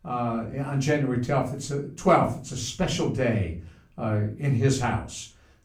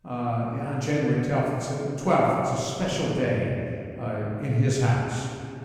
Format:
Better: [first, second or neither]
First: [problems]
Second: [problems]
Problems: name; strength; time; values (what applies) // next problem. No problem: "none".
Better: first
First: room echo; slight; dies away in 0.3 s // off-mic speech; far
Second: room echo; strong; dies away in 2.1 s // off-mic speech; far